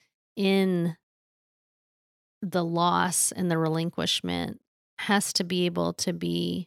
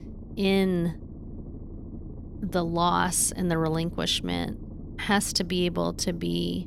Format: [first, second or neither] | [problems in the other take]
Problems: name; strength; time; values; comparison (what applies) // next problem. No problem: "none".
first | low rumble; faint; throughout; 20 dB below the speech